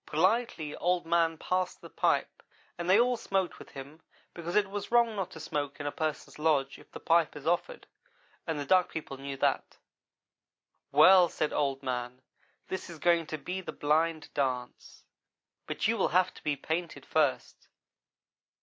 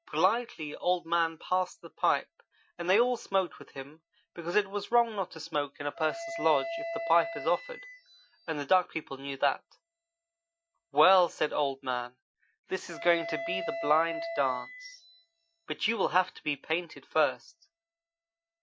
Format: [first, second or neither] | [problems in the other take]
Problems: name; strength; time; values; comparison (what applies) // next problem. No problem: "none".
first | noise reduction (classical method Wiener filter)